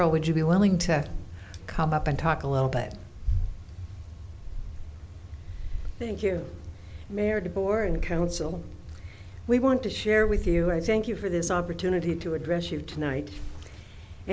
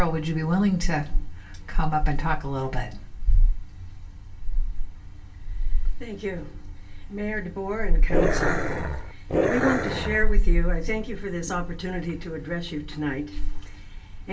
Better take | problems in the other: first | background sound (Growling); 2 dB below the speech // room echo; dies away in 0.2 s

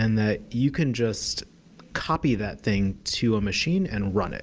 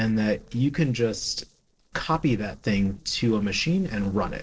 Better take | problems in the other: first | noise reduction (neural separator model SepFormer DNS4)

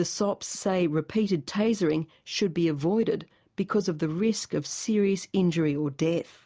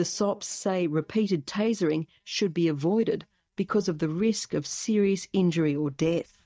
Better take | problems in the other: first | noise reduction (neural mask model DeepFilterNet 3)

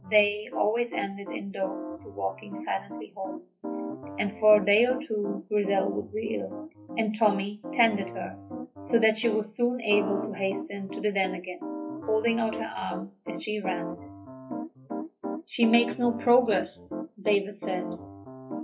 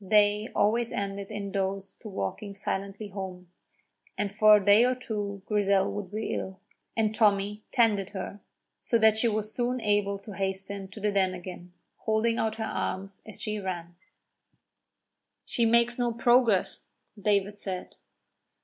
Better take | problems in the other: second | noise reduction (classical method WPE with log-MMSE)

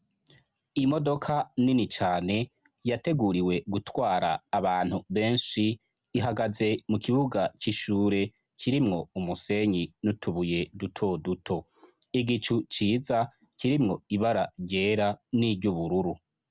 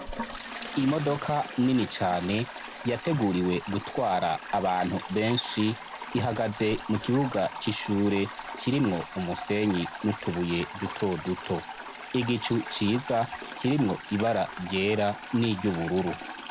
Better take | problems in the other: first | background sound (Toilet flush); 11 dB below the speech

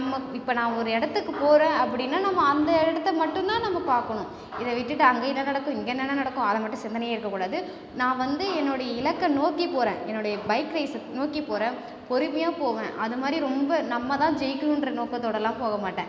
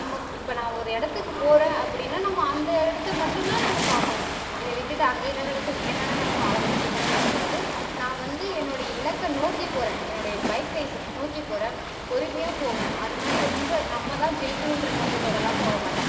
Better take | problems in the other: first | background sound (Waves, surf); 1 dB below the speech // room echo; dies away in 0.7 s

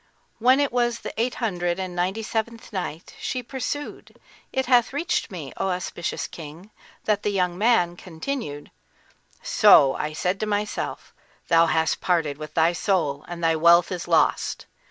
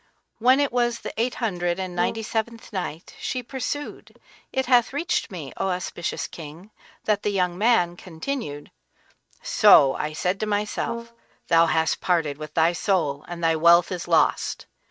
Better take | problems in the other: first | noise reduction (neural mask model RNNoise)

